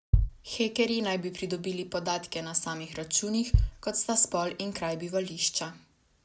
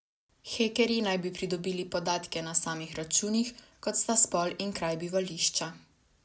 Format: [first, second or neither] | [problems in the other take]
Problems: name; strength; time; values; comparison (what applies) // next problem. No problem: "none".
second | background sound (Bass drum); 1 dB below the speech